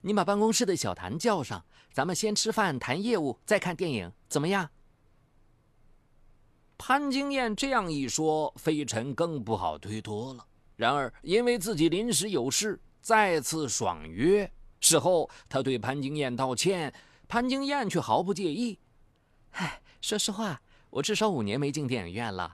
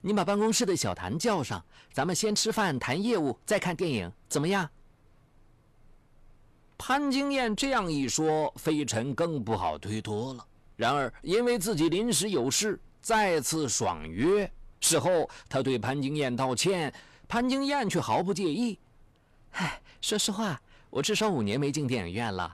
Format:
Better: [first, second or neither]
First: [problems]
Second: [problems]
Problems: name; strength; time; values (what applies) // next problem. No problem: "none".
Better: first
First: none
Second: distortion; slight; 10 dB below the speech